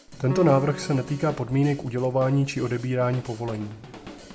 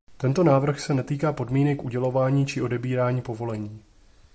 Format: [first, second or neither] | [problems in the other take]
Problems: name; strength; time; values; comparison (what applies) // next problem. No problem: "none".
second | background sound (Drum / Drum kit + Piano); 14 dB below the speech